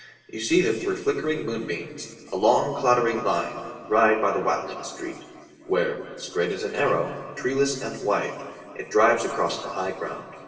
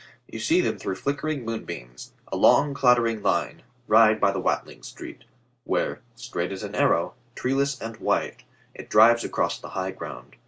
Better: second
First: room echo; dies away in 2.4 s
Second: none

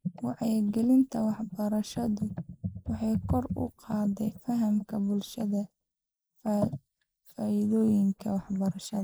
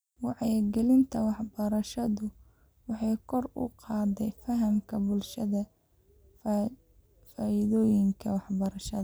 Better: second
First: noise reduction (neural mask model Resemble Enhance denoiser)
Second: none

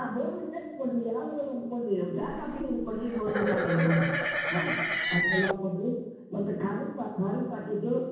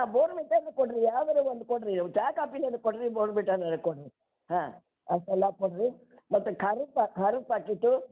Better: second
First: background sound (Livestock, farm animals, working animals); as loud as the speech // room echo; dies away in 1.2 s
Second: none

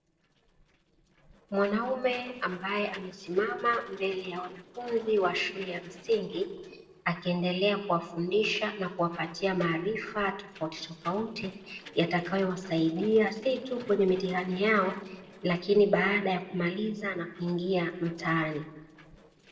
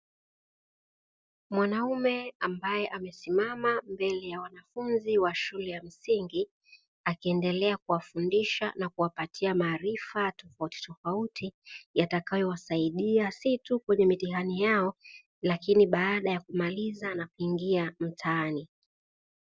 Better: second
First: noise reduction (neural separator model SepFormer DNS4)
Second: none

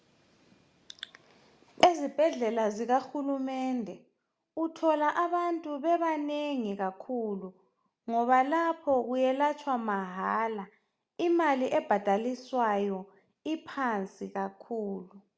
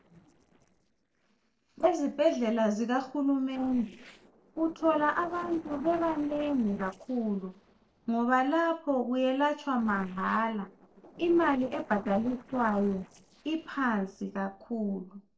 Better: first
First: none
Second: noise reduction (neural separator model SepFormer DNS4)

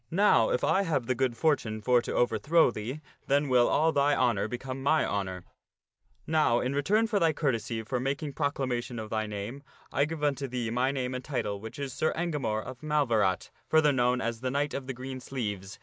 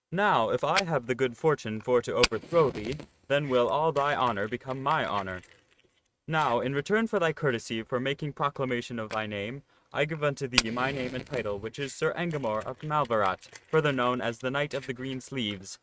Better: first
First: none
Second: noise reduction (neural mask model RNNoise)

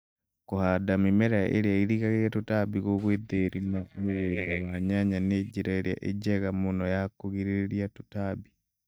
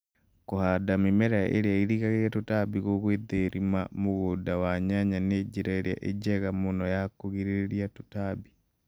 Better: second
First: noise reduction (neural mask model DeepFilterNet 3)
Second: none

